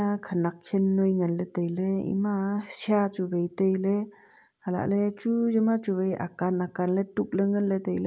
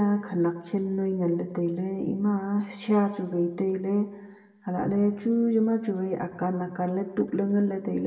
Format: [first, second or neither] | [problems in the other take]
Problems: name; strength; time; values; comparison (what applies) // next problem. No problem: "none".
first | room echo; dies away in 1 s